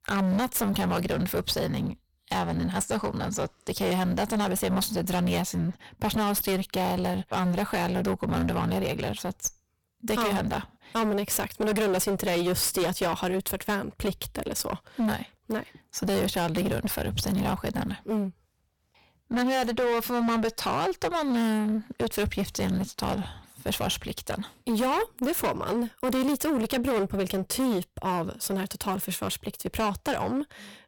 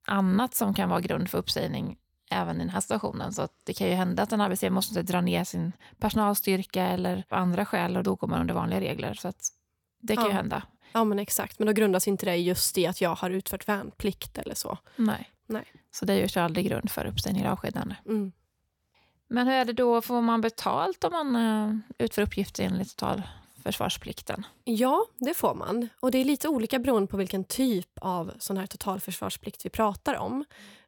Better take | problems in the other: second | distortion; heavy; 20% of the sound clipped

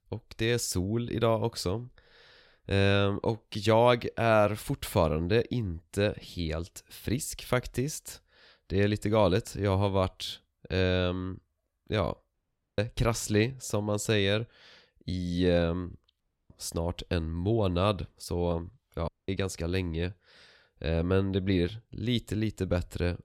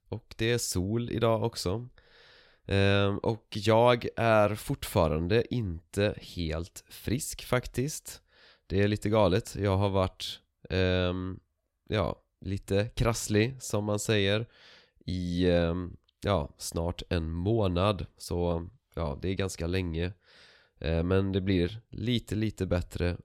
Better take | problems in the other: second | audio cutting out; at 12 s, at 16 s and at 19 s

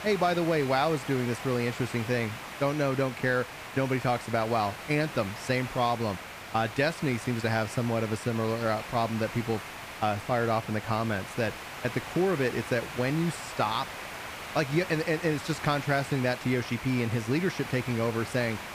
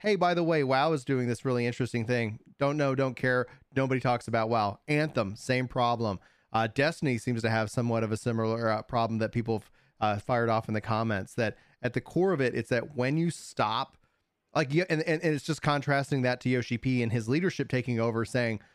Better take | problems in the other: second | hiss; loud; throughout; 10 dB below the speech

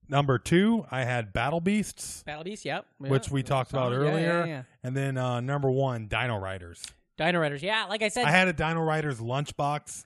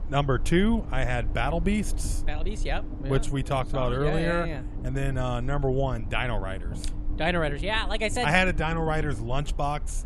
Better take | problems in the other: first | low rumble; noticeable; throughout; 20 dB below the speech

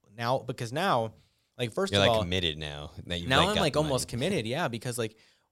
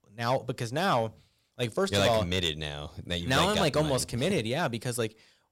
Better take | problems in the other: first | distortion; slight; 3% of the sound clipped

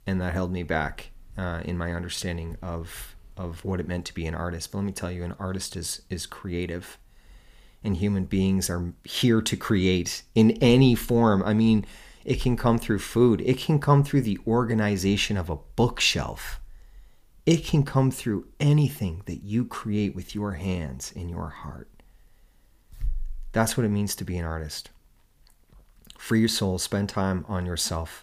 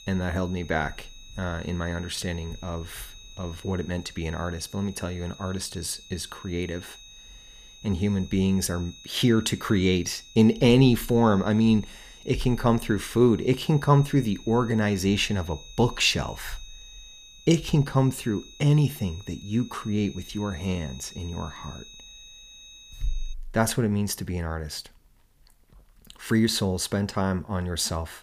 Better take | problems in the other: first | high-pitched whine; faint; until 23 s; 4 kHz, 20 dB below the speech

